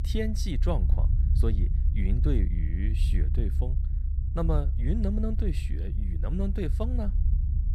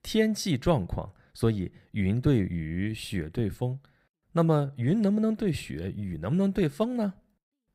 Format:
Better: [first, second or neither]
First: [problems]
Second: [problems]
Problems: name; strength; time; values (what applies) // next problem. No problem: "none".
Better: second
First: low rumble; loud; throughout; 8 dB below the speech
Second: none